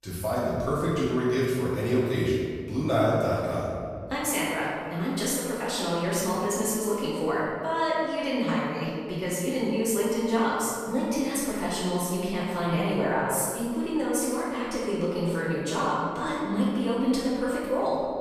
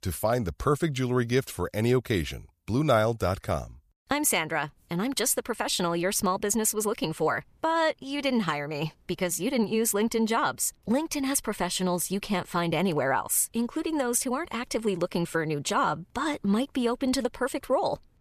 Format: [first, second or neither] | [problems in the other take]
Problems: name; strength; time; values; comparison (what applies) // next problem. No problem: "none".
second | room echo; strong; dies away in 1.7 s // off-mic speech; far